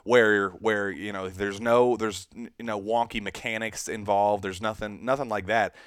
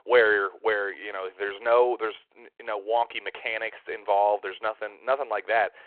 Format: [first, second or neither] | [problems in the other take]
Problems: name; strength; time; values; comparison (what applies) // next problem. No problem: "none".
first | phone-call audio